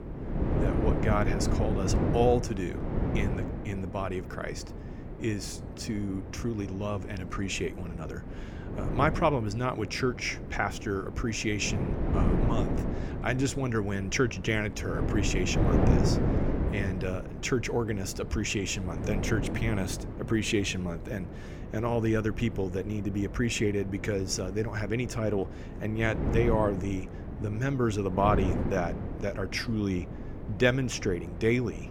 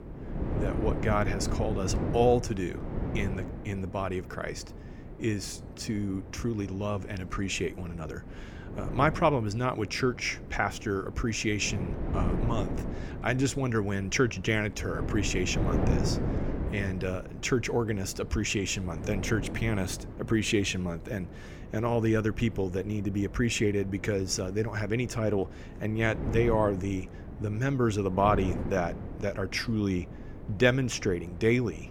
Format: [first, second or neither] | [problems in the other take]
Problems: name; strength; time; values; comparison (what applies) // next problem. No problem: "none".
second | wind noise on the microphone; heavy; 7 dB below the speech; occasional gusts in the second